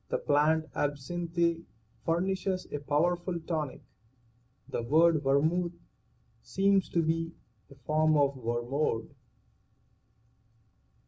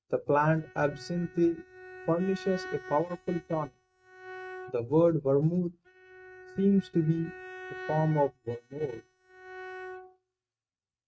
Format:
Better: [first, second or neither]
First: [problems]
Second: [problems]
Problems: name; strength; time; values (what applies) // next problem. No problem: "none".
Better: first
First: none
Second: noise reduction (neural mask model RNNoise)